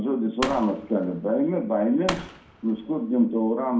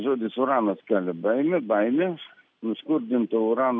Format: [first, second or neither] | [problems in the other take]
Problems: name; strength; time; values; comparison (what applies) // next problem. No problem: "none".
second | background sound (Fireworks); 13 dB below the speech // room echo; dies away in 0.4 s